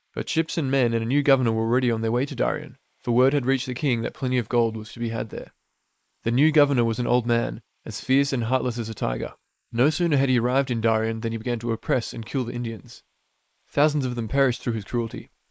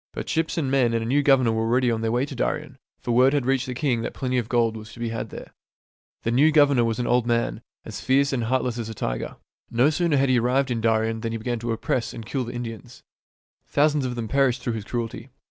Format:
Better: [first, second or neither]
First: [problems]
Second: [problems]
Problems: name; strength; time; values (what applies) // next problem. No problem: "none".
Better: second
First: noise reduction (neural mask model Resemble Enhance denoiser)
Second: none